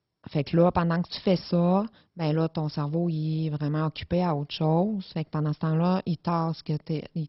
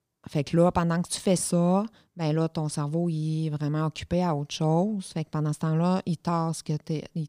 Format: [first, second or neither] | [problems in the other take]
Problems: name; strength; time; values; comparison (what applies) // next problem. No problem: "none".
second | garbled, watery; badly; nothing above 5.5 kHz